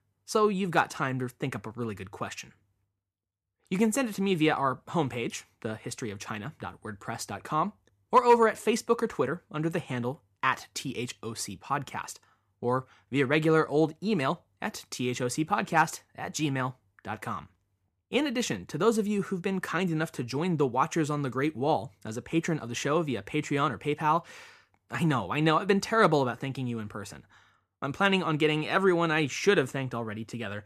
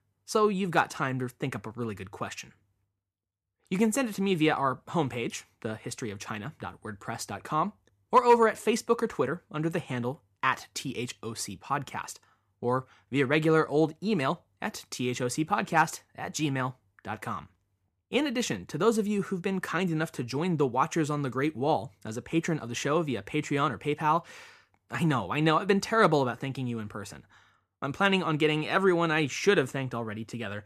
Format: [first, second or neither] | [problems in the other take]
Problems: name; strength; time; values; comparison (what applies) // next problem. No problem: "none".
neither | none